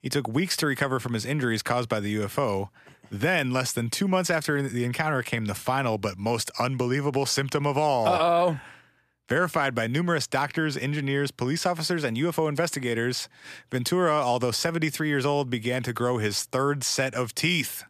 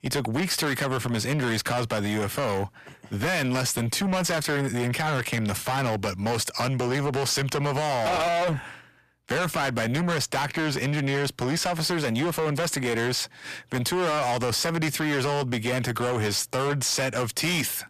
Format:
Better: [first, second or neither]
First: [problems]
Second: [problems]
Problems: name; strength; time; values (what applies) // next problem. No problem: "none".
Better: first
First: none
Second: distortion; heavy; 6 dB below the speech